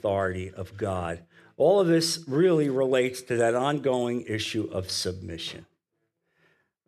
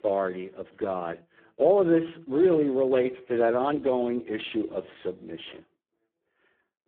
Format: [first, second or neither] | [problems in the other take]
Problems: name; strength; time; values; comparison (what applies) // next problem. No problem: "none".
first | phone-call audio; poor line